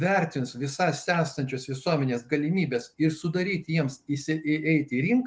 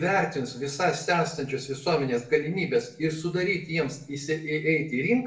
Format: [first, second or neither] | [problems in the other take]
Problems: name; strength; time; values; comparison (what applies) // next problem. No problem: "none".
first | room echo; dies away in 0.5 s